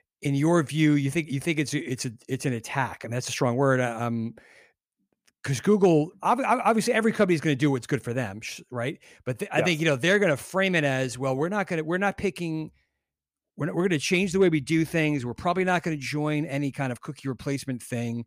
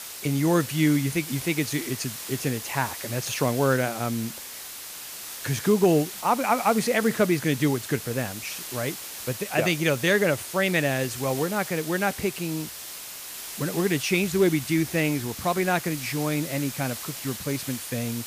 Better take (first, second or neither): first